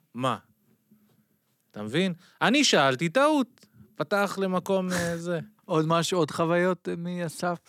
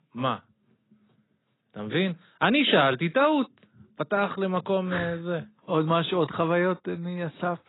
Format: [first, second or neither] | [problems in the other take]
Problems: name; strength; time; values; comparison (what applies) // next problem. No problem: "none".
first | garbled, watery; badly; nothing above 4 kHz